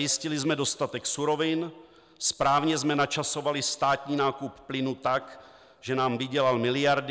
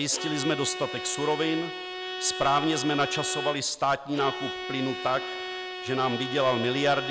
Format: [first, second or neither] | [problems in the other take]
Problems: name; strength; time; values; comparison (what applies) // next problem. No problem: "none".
first | background sound (Bowed string instrument); 7 dB below the speech